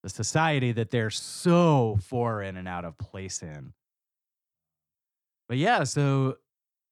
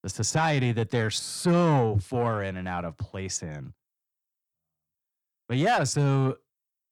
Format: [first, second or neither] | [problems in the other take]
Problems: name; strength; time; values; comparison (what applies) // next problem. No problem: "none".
first | distortion; slight; 10 dB below the speech